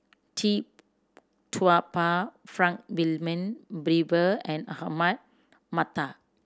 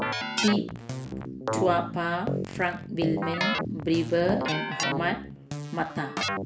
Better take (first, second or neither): first